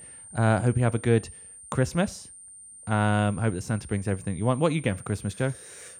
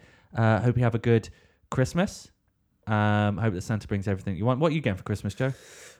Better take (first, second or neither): second